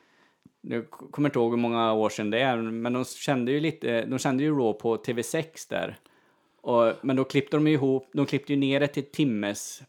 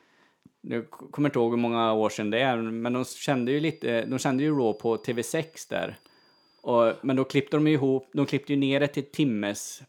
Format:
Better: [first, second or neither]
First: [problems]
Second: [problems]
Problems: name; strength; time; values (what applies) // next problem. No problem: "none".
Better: first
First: none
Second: high-pitched whine; faint; from 3 to 6.5 s; 5 kHz, 35 dB below the speech